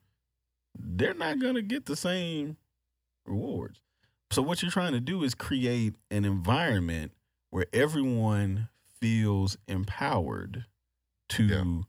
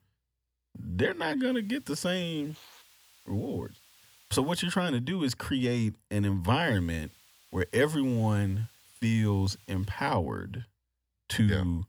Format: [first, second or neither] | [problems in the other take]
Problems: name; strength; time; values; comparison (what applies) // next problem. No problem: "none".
first | hiss; faint; from 1.5 to 5 s and from 6.5 to 10 s; 25 dB below the speech